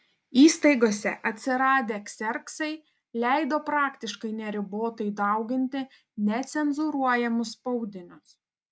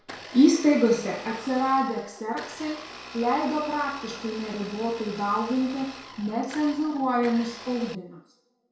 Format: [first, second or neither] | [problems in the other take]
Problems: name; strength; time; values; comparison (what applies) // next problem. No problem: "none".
first | background sound (Domestic sounds, home sounds); 16 dB below the speech // room echo; dies away in 0.6 s